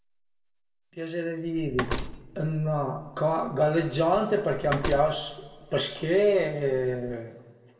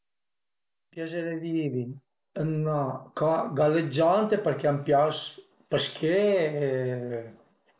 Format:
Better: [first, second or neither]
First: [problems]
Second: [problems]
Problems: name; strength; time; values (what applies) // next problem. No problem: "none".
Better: second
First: background sound (Slam); 10 dB below the speech // room echo; dies away in 1.1 s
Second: none